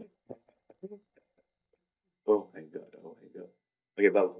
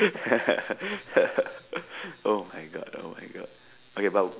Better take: second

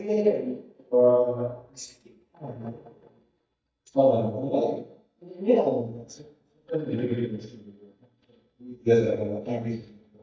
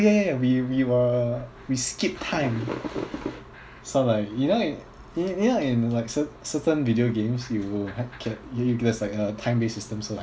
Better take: second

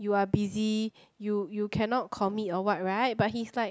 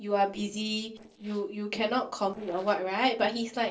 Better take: first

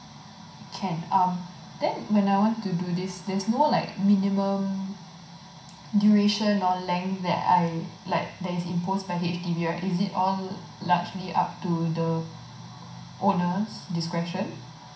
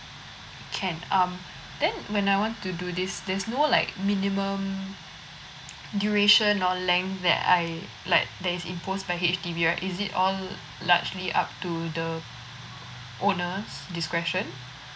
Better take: second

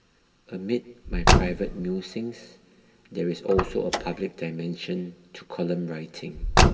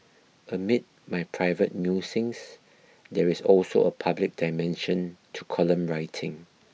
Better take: second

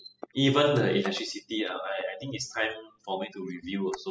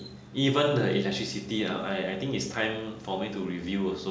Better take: second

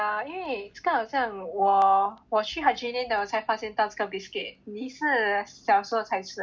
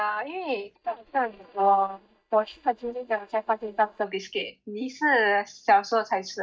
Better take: first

